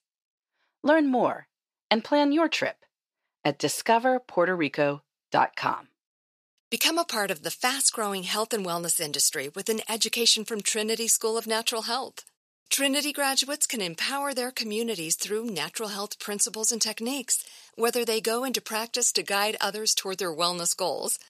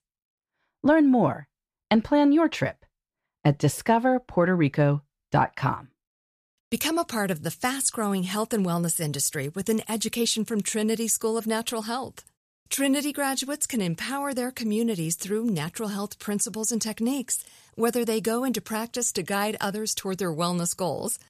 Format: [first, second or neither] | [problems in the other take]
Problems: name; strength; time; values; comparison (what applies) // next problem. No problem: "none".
second | thin; somewhat; fading below 350 Hz